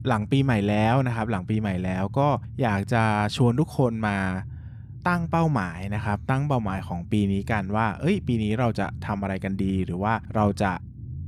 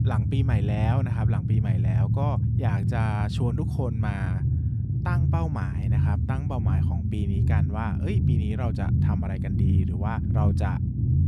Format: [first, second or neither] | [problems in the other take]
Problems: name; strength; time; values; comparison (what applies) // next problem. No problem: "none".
first | low rumble; loud; throughout; 2 dB below the speech; faint in the first